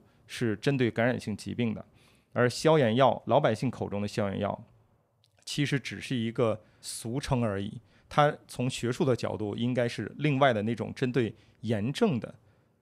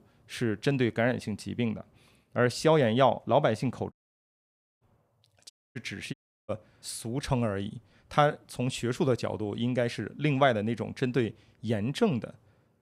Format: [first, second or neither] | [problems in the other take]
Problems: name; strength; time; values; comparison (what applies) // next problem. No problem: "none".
first | audio cutting out; at 4 s for 1 s, at 5.5 s and at 6 s